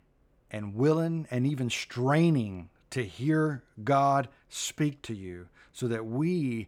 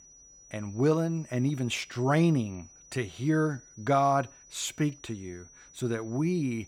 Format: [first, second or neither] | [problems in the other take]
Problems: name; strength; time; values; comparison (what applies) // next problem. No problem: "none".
first | high-pitched whine; faint; throughout; 6 kHz, 25 dB below the speech